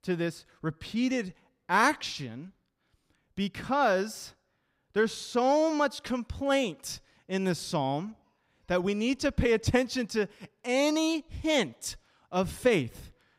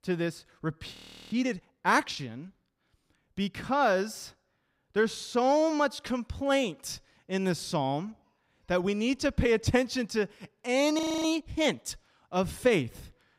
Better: first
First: none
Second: audio freezing; at 1 s and at 11 s

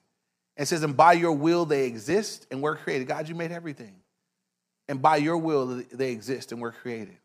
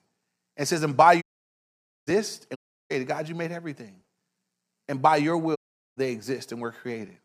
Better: first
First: none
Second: audio cutting out; at 1 s for 1 s, at 2.5 s and at 5.5 s

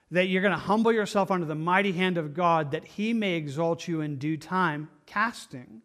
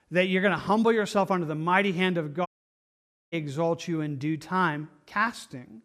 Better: first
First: none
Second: audio cutting out; at 2.5 s for 1 s

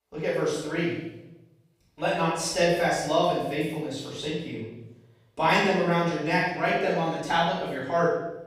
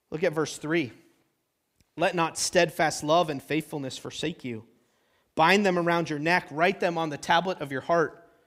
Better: second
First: off-mic speech; far // room echo; noticeable; dies away in 0.9 s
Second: none

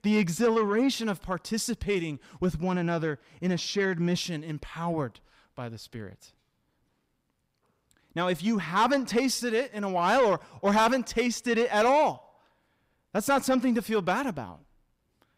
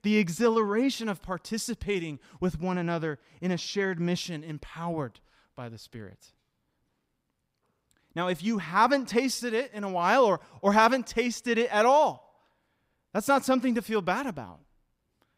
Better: second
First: distortion; slight; 10 dB below the speech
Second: none

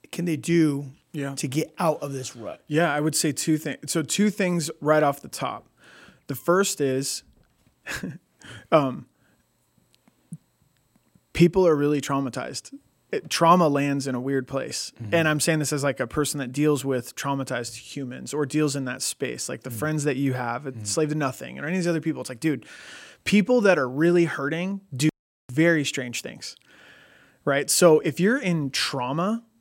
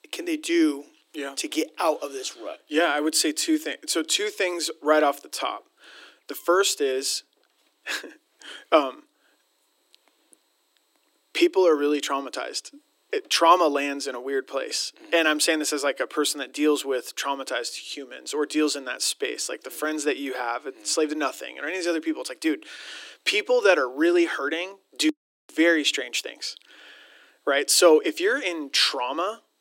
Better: first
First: none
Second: thin; somewhat; fading below 300 Hz

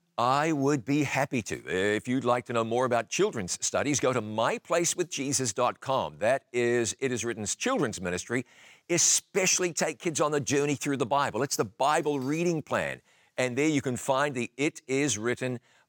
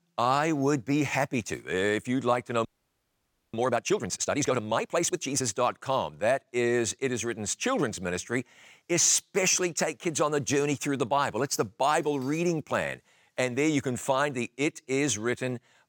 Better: first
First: none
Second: audio freezing; at 2.5 s for 1 s

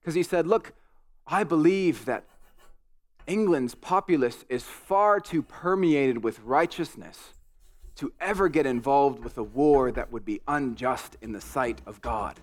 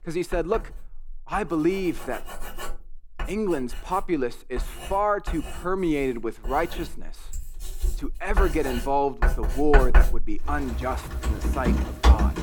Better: first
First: household noises; faint; throughout; 25 dB below the speech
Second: household noises; loud; throughout; 1 dB below the speech

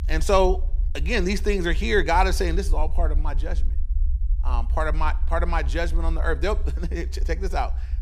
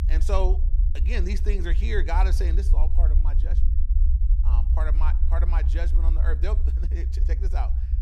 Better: first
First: low rumble; faint; throughout; 25 dB below the speech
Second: low rumble; loud; throughout; 10 dB below the speech

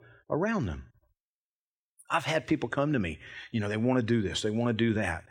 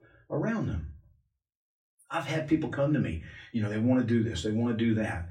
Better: first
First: none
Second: off-mic speech; far // room echo; very slight; dies away in 0.3 s

